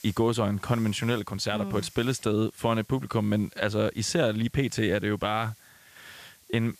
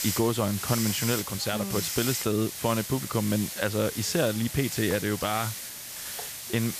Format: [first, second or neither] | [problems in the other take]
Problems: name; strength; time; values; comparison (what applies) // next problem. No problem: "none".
first | hiss; loud; throughout; 5 dB below the speech; faint in the first